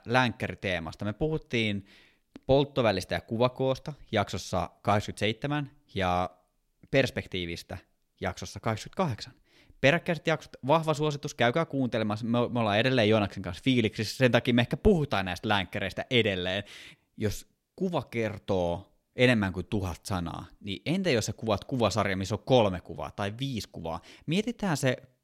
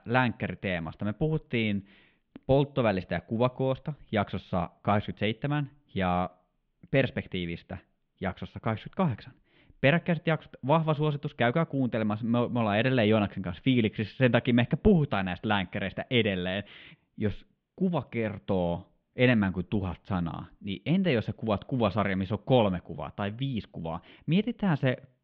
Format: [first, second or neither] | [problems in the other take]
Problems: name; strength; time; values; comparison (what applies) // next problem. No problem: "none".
first | muffled; very; fading above 3.5 kHz